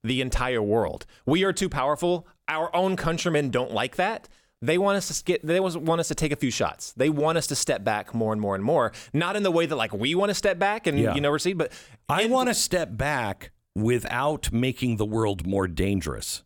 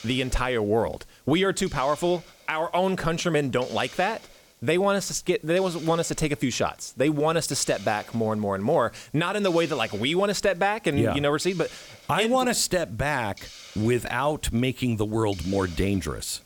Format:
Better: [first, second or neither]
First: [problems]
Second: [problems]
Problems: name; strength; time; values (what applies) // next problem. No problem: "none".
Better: first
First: none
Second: hiss; faint; throughout; 20 dB below the speech